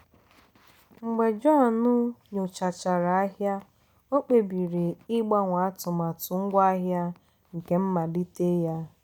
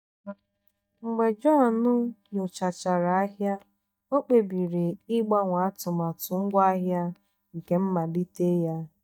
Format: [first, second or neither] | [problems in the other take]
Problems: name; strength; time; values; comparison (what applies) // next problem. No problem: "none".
first | noise reduction (neural mask model DeepFilterNet 3)